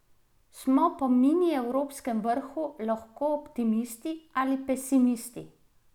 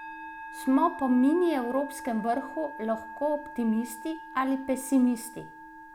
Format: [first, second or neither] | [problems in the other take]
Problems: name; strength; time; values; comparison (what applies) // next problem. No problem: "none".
first | background sound (Musical instrument); 14 dB below the speech